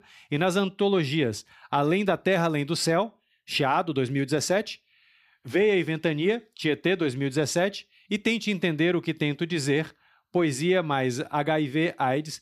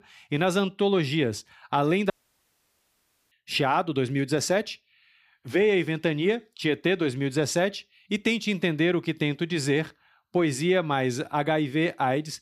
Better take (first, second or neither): first